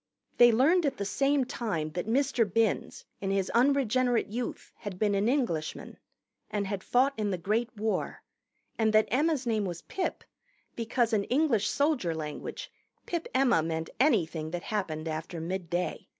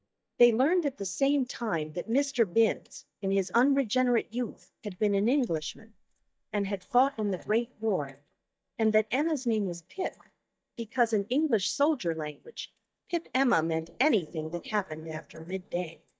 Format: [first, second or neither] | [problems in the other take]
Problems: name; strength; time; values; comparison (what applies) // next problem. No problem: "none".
first | noise reduction (neural mask model DeepFilterNet 3)